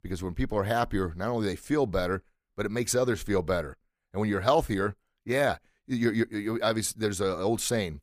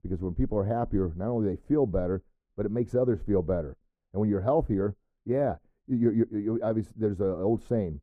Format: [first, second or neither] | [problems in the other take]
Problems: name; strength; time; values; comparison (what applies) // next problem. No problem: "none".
first | muffled; very; fading above 1.5 kHz